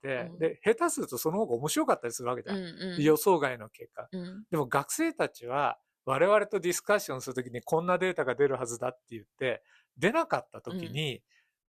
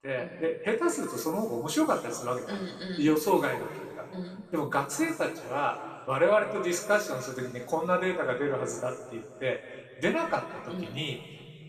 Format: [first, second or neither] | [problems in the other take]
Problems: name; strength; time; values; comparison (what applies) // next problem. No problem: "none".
first | room echo; noticeable; dies away in 1.9 s // off-mic speech; far